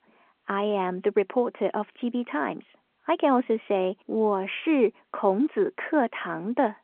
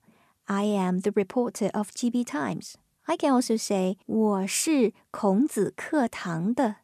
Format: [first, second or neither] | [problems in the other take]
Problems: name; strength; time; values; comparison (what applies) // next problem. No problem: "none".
second | phone-call audio